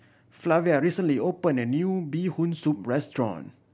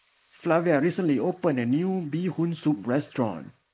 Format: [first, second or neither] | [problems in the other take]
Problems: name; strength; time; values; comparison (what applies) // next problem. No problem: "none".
first | noise reduction (neural mask model Resemble Enhance denoiser)